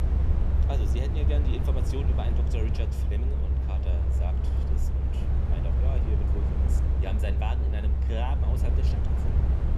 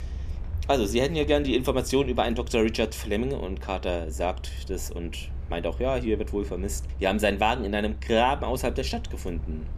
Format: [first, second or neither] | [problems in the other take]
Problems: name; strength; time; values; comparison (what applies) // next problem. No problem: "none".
second | low rumble; loud; throughout; 1 dB below the speech; faint in the second